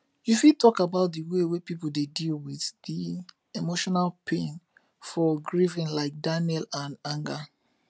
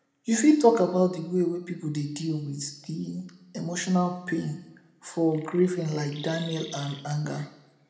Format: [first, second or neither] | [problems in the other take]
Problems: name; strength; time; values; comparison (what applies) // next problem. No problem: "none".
first | background sound (Chirp, tweet); 19 dB below the speech // room echo; dies away in 0.8 s